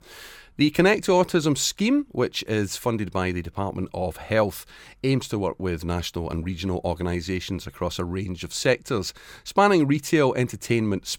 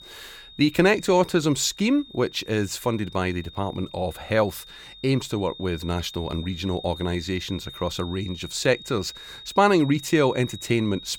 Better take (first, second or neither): first